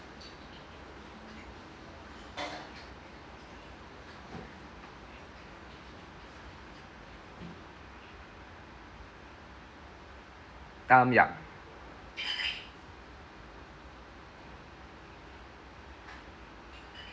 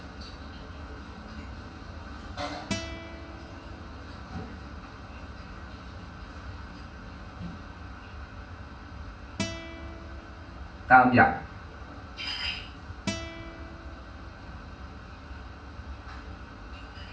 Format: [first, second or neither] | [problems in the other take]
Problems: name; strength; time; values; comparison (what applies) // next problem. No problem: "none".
first | background sound (Acoustic guitar); 11 dB below the speech // room echo; dies away in 0.3 s